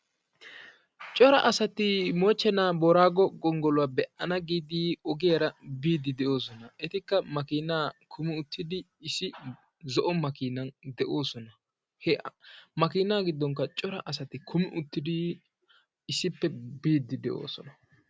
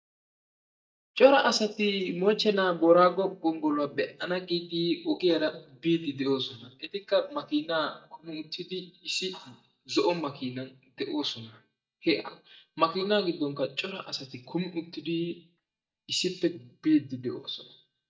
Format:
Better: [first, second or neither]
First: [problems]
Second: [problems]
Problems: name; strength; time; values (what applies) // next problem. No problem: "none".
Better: first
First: none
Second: noise reduction (neural mask model DeepFilterNet 3)